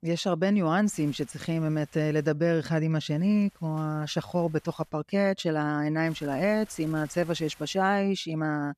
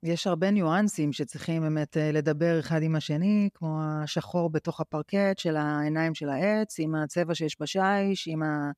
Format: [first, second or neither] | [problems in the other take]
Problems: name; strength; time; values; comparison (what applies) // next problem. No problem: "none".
second | wind noise on the microphone; occasional gusts; from 1 to 2.5 s, from 3 to 5 s and from 6 to 8 s; 25 dB below the speech